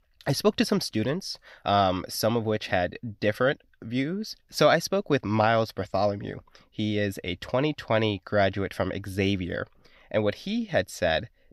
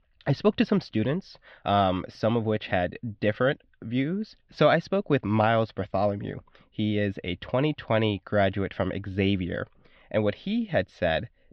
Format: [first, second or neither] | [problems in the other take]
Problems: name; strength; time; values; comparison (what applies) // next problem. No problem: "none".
first | muffled; slightly; fading above 3.5 kHz